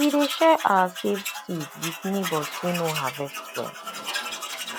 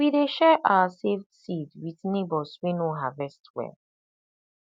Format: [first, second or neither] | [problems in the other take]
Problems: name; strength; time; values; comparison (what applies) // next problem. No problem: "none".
second | background sound (Tools); 8 dB below the speech